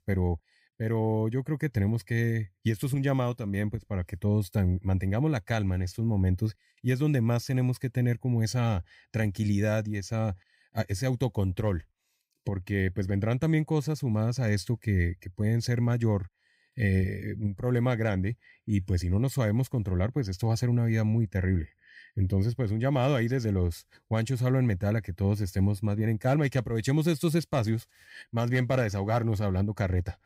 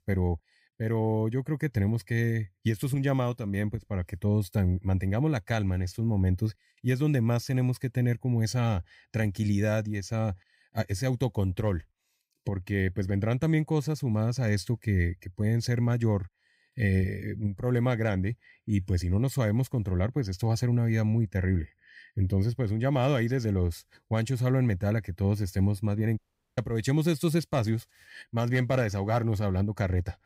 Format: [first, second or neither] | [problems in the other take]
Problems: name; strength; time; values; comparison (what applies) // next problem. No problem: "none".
first | audio cutting out; at 26 s